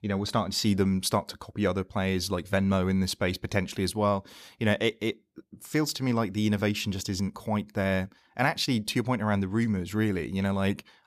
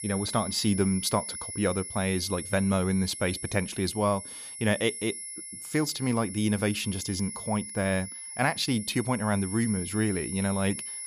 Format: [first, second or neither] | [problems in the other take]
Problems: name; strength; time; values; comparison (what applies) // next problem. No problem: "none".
first | high-pitched whine; loud; throughout; 10.5 kHz, 8 dB below the speech